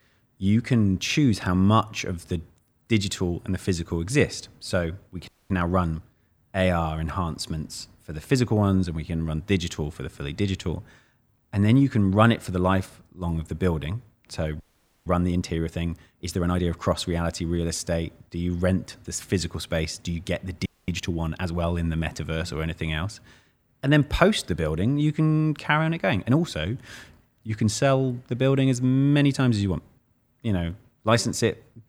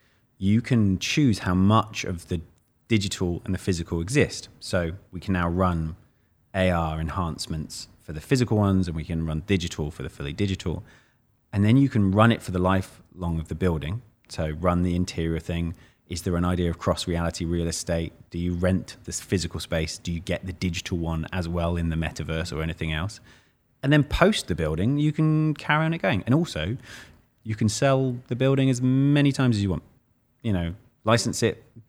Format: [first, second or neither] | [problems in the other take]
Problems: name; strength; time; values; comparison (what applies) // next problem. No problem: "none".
second | audio freezing; at 5.5 s, at 15 s and at 21 s